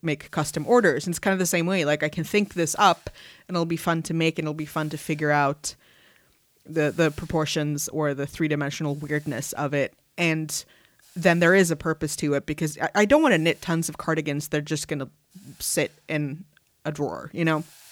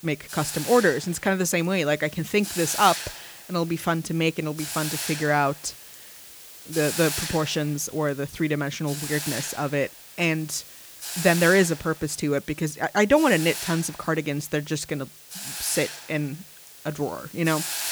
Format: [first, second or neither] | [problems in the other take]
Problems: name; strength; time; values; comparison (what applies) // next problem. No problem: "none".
first | hiss; loud; throughout; 8 dB below the speech; faint in the first